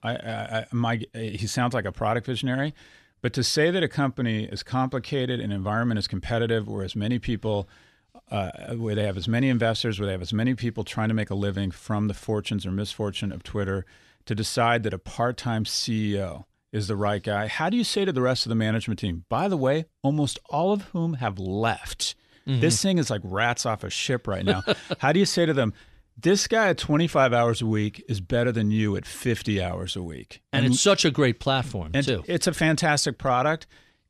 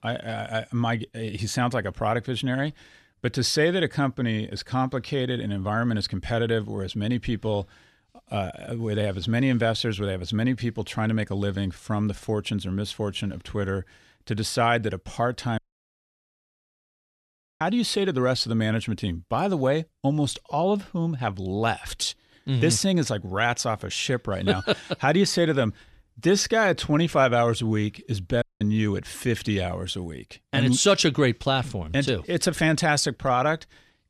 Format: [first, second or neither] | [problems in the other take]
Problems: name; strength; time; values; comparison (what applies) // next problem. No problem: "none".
first | audio cutting out; at 16 s for 2 s and at 28 s